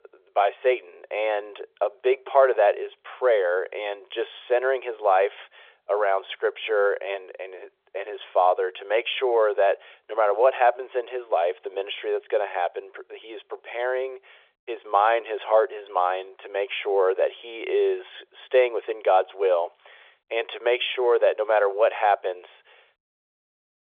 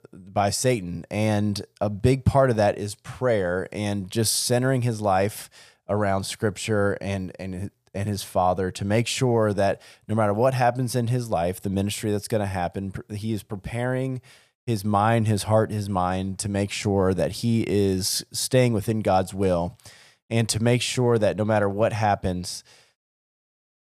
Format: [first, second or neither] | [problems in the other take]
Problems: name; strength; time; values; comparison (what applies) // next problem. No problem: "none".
second | phone-call audio; nothing above 3.5 kHz